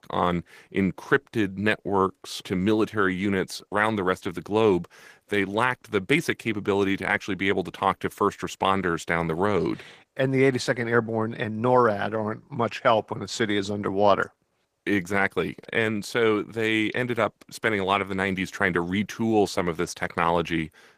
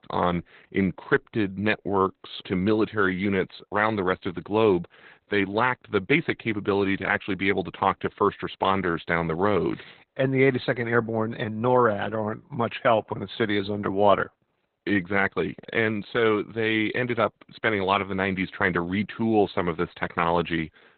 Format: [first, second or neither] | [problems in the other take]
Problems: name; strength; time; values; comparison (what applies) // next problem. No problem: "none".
first | garbled, watery; badly; nothing above 4 kHz; slightly in the first